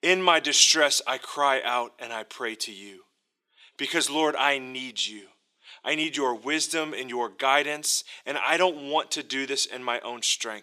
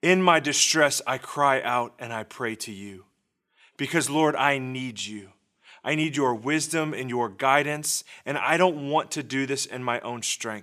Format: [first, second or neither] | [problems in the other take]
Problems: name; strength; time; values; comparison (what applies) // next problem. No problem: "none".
second | thin; very slightly; fading below 350 Hz